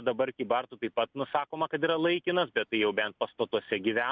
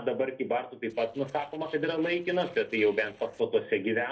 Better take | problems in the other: first | noise reduction (neural separator model SepFormer DNS4)

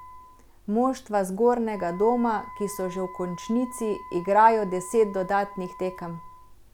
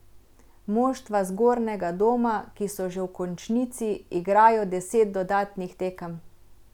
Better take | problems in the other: second | background sound (Wind instrument, woodwind instrument); 18 dB below the speech

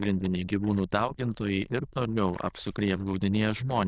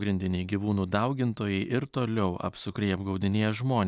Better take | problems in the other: second | noise reduction (neural diffusion model UNIVERSE++)

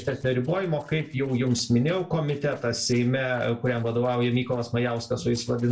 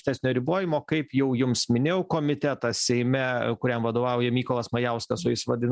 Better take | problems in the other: second | noise reduction (neural separator model SepFormer DNS4)

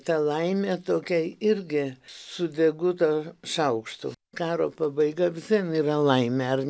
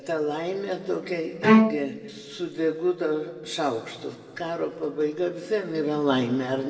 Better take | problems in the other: first | background sound (Bowed string instrument); 4 dB above the speech // room echo; dies away in 1.8 s

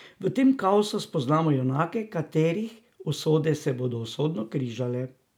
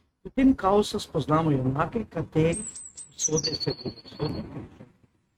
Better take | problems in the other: first | noise reduction (neural mask model RNNoise)

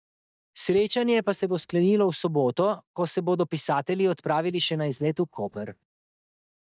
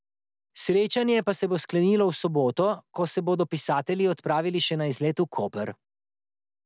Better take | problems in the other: second | noise reduction (neural mask model DeepFilterNet 3)

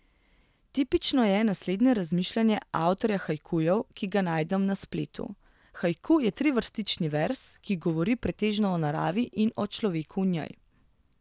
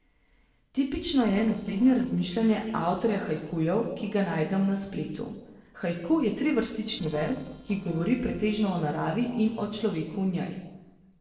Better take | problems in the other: first | noise reduction (neural separator model SepFormer DNS4)

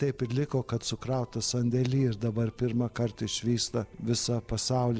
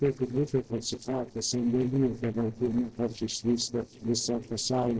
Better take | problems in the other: first | noise reduction (neural separator model SepFormer DNS4)

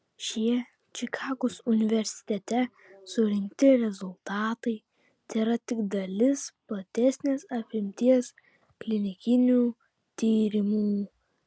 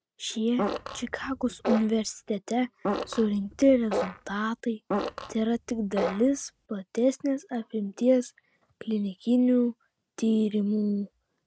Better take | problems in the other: first | noise reduction (neural mask model RNNoise)

